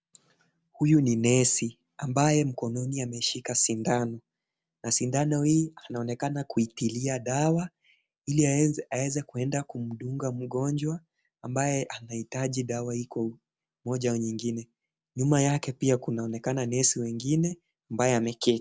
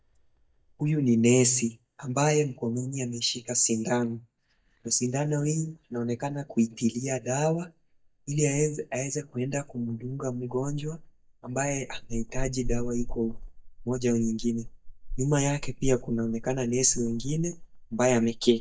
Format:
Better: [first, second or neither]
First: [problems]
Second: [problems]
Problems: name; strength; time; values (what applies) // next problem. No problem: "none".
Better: first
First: none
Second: noise reduction (neural mask model DeepFilterNet 3)